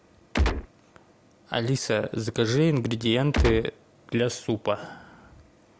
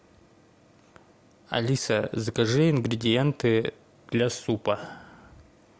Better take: second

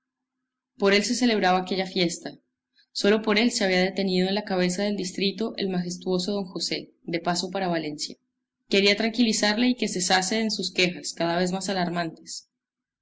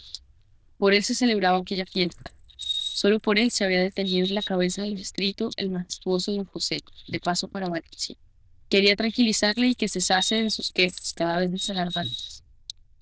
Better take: first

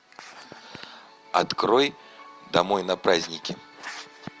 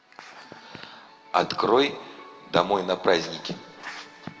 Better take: first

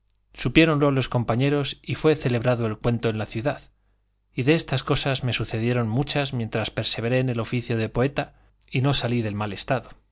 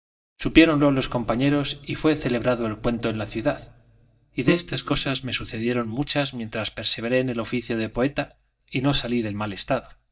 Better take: first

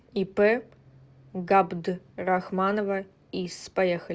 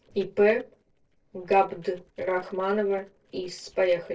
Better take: first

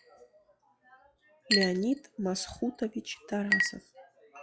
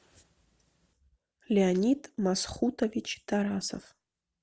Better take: second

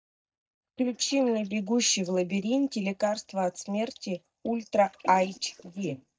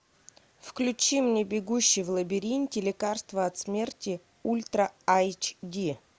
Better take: second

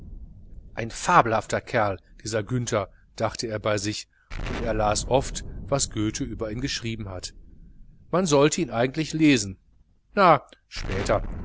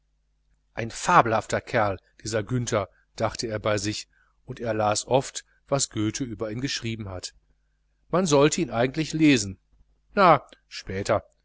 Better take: second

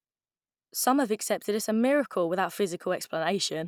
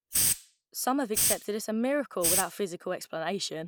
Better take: first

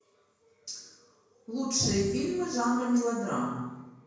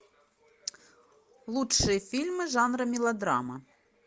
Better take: second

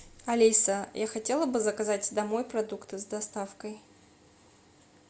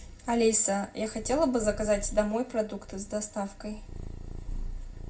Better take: first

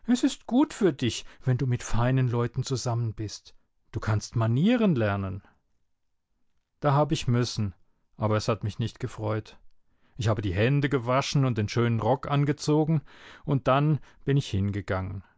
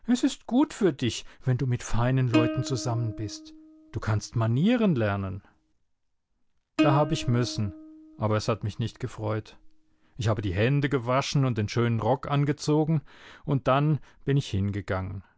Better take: first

